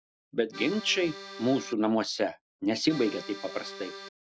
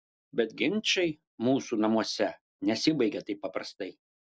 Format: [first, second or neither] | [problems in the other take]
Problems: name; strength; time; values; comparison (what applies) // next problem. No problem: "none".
second | background sound (Accordion); 12 dB below the speech